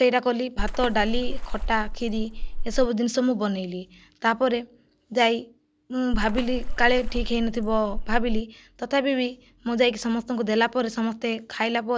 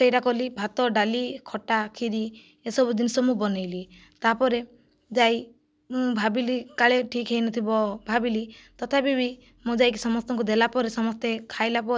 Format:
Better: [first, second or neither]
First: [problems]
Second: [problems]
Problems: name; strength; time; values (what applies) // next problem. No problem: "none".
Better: second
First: background sound (Water / Splash, splatter); as loud as the speech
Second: none